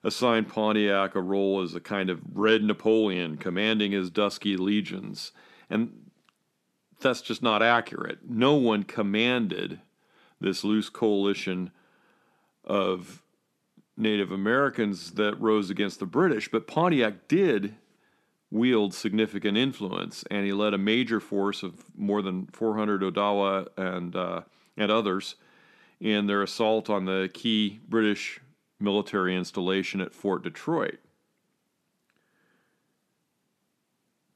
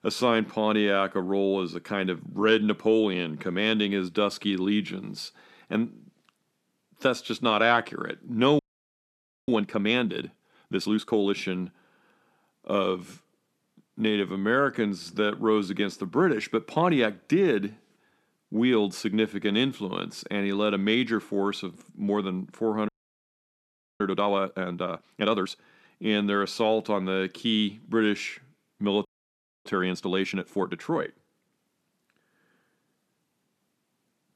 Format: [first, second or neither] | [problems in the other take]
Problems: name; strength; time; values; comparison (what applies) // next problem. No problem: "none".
first | audio freezing; at 8.5 s for 1 s, at 23 s for 1 s and at 29 s for 0.5 s